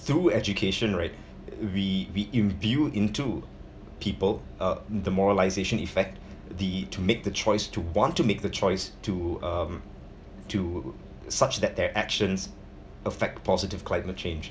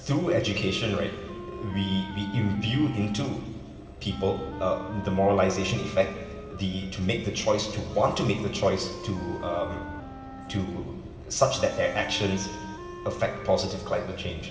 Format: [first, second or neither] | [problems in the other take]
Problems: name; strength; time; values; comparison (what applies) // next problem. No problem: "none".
first | background sound (Wind instrument, woodwind instrument); 14 dB below the speech // room echo; dies away in 2 s